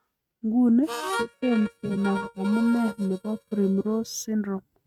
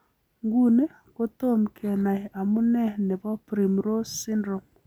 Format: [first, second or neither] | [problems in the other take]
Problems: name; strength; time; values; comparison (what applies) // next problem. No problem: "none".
second | noise reduction (neural mask model RNNoise)